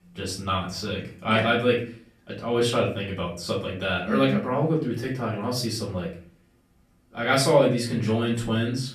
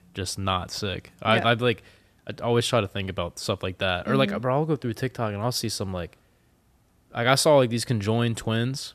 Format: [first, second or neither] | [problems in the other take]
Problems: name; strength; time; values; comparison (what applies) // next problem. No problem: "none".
second | room echo; slight; dies away in 0.4 s // off-mic speech; far